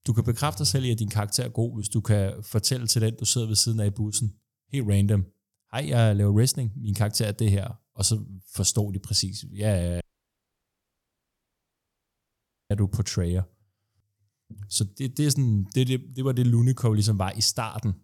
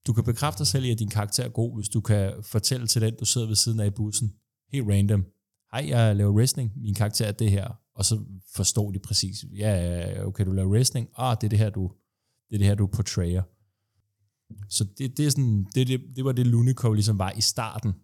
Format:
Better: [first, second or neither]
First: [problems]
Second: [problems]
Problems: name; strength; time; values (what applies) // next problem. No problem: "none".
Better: second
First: audio cutting out; at 10 s for 2.5 s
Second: none